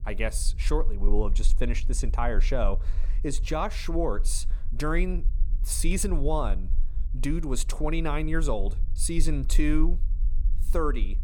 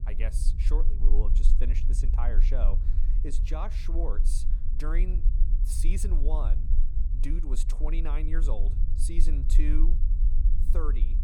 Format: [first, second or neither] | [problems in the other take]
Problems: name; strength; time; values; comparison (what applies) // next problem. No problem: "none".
first | low rumble; loud; throughout; 9 dB below the speech; faint in the first